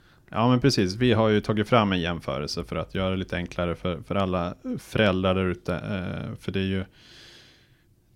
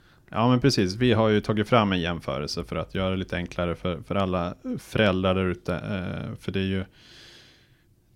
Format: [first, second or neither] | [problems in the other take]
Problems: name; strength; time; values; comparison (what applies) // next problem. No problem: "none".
neither | none